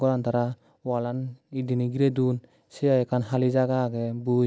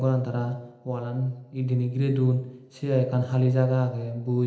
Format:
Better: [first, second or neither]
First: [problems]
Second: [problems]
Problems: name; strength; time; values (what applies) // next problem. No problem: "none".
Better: first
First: none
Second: room echo; dies away in 0.8 s